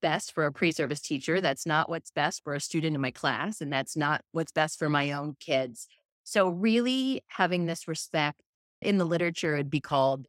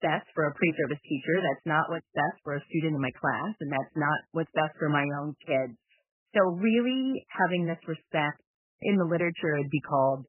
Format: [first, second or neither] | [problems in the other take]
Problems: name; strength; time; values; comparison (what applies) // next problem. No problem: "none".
first | garbled, watery; badly; nothing above 3 kHz